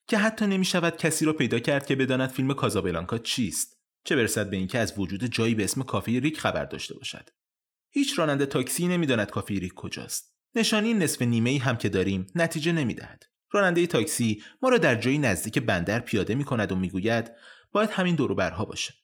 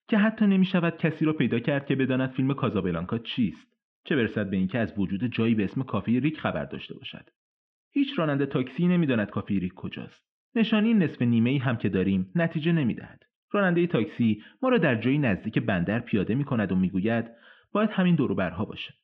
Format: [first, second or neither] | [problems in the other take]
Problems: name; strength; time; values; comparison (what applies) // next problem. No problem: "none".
first | muffled; very; fading above 3 kHz